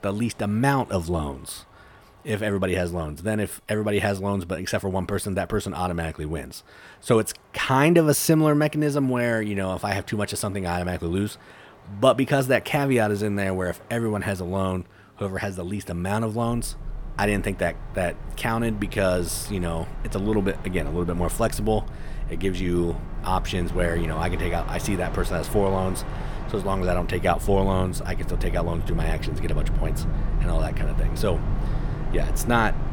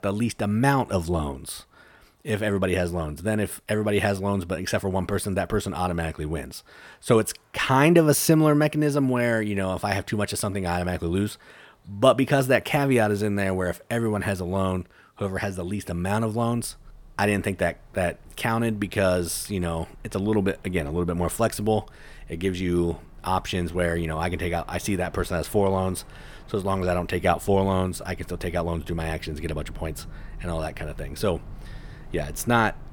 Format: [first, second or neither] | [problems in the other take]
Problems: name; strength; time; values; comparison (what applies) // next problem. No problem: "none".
second | train or aircraft noise; loud; throughout; 7 dB below the speech; faint in the second